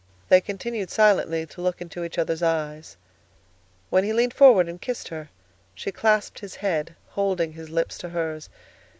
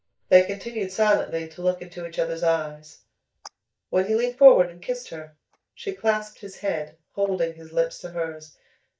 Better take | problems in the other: first | noise reduction (neural mask model DeepFilterNet 3)

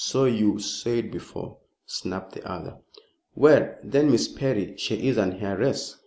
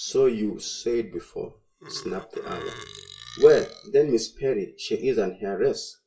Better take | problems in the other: first | noise reduction (classical method WPE with log-MMSE)

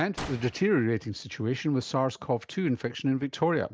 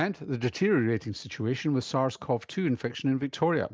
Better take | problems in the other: second | background sound (Gunshot, gunfire); 18 dB below the speech

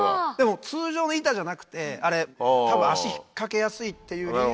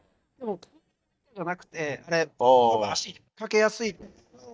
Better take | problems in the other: first | noise reduction (neural mask model DeepFilterNet 3)

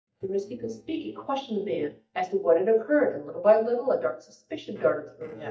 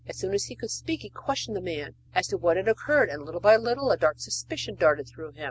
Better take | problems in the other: second | noise reduction (neural mask model DeepFilterNet 3)

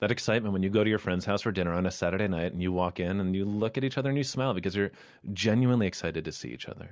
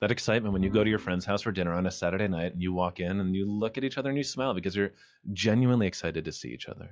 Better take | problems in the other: first | noise reduction (classical method log-MMSE)

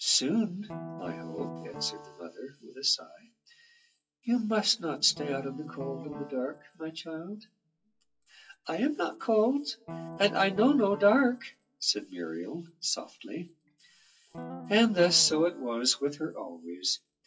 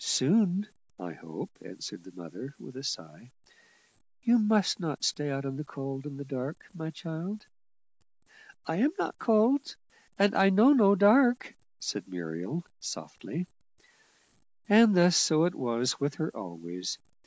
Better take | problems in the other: second | noise reduction (classical method WPE with log-MMSE)

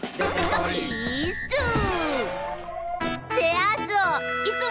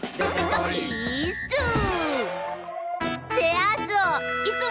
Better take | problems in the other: second | background sound (Keys jangling + Walk, footsteps); 14 dB below the speech

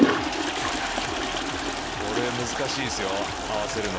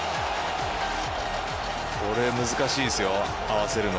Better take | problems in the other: second | background sound (Toilet flush); 1 dB above the speech

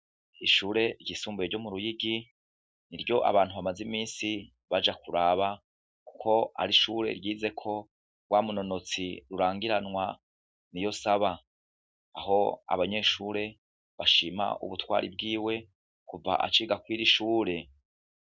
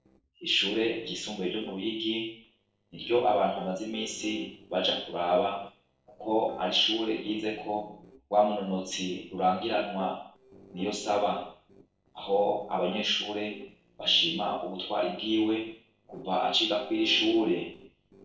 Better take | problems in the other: first | noise reduction (neural separator model SepFormer DNS4)

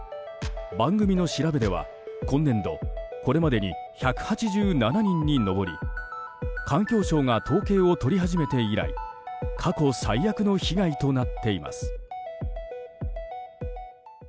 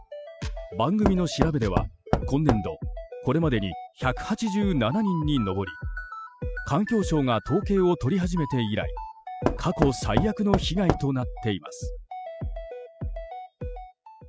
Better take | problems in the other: first | noise reduction (classical method spectral subtraction)

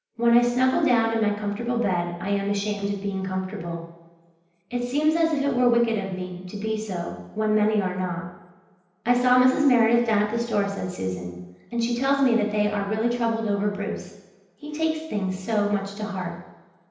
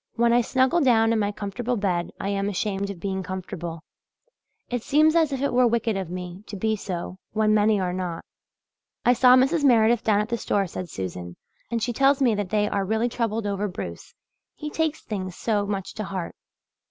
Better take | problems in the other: second | room echo; dies away in 0.9 s

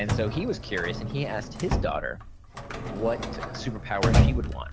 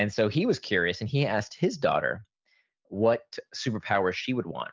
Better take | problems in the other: second | background sound (Drawer open or close); 4 dB above the speech

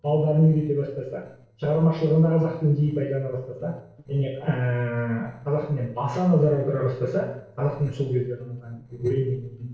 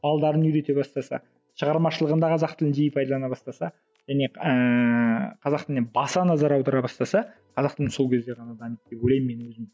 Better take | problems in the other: second | noise reduction (neural separator model SepFormer DNS4)

